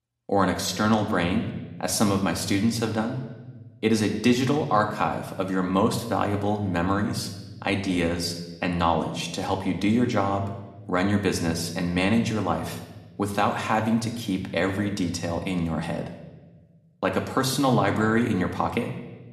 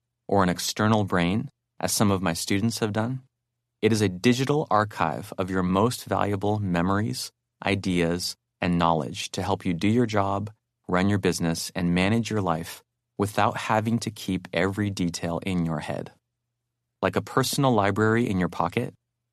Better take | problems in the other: second | room echo; slight; dies away in 0.9 s

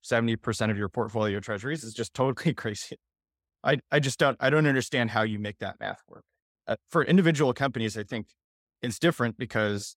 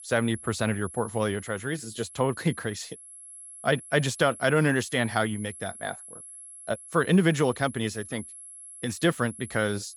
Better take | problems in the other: first | high-pitched whine; noticeable; throughout; 11 kHz, 15 dB below the speech

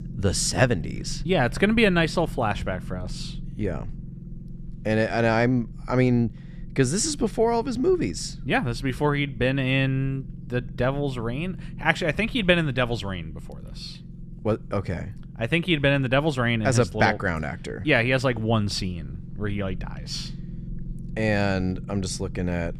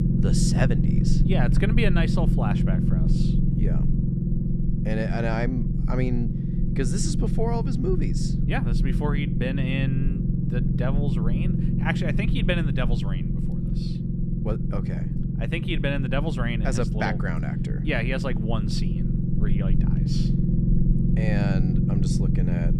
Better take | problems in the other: first | low rumble; loud; throughout; 3 dB below the speech; faint in the first

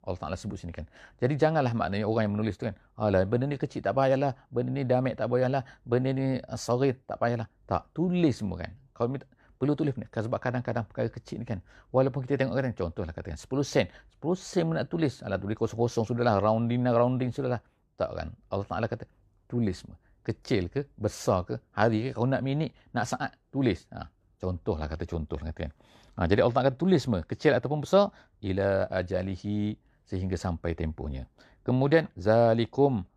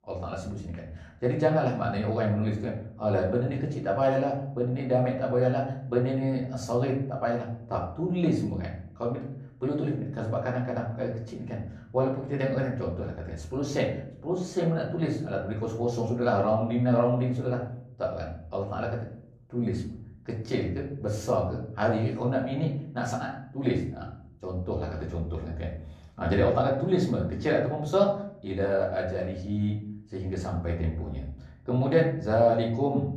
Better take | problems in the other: first | room echo; slight; dies away in 0.6 s // off-mic speech; far

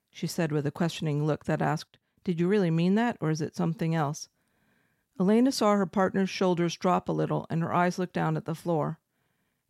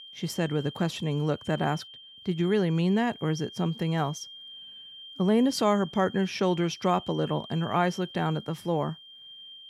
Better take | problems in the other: first | high-pitched whine; noticeable; throughout; 3 kHz, 15 dB below the speech

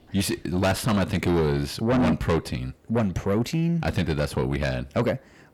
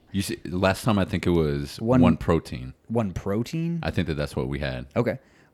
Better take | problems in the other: second | distortion; heavy; 7 dB below the speech

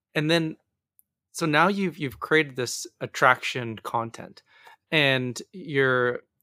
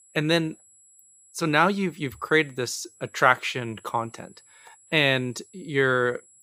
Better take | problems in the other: first | high-pitched whine; faint; throughout; 7.5 kHz, 30 dB below the speech

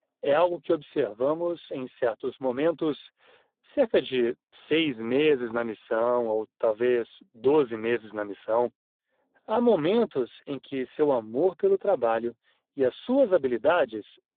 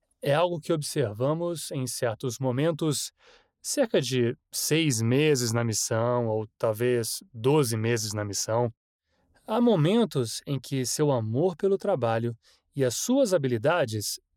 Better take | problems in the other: second | phone-call audio; poor line; nothing above 3.5 kHz

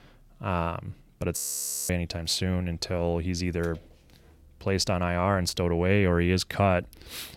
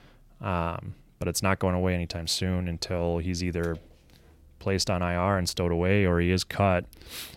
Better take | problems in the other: second | audio freezing; at 1.5 s for 0.5 s

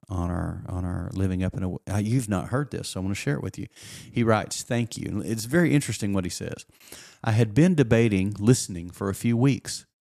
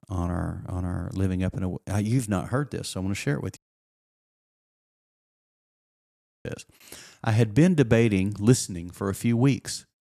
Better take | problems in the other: first | audio cutting out; at 3.5 s for 3 s

